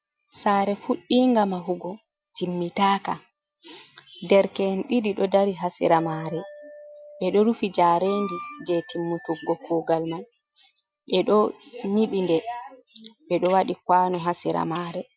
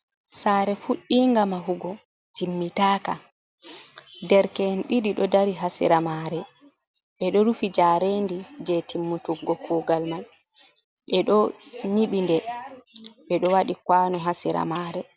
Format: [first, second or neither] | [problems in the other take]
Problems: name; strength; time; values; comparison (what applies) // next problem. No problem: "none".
second | noise reduction (classical method Wiener filter)